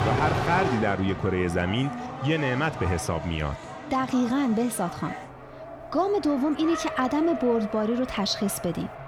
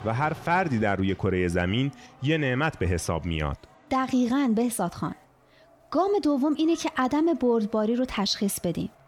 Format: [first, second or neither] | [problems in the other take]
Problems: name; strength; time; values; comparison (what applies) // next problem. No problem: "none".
second | traffic noise; loud; throughout; 8 dB below the speech; faint in the second